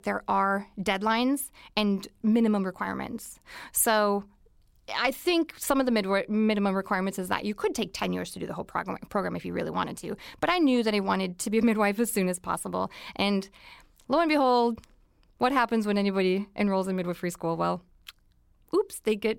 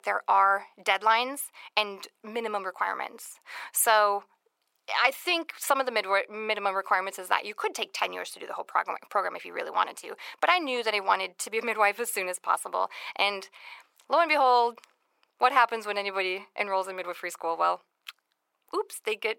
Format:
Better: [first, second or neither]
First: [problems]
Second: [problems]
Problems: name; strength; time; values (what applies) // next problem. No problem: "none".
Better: first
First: none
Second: thin; very; fading below 500 Hz